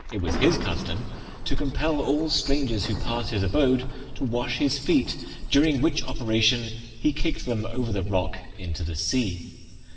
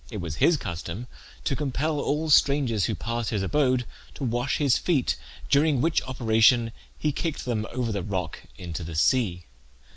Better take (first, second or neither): second